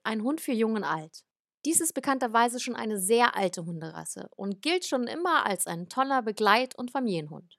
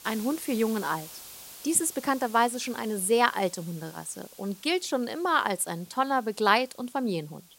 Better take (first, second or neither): first